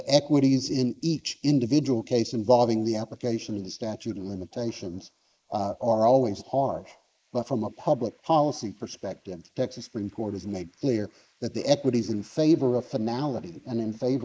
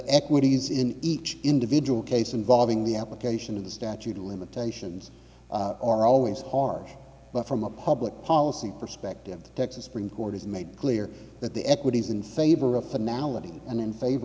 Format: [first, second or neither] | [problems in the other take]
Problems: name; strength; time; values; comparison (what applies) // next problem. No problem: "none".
second | noise reduction (neural mask model Resemble Enhance denoiser)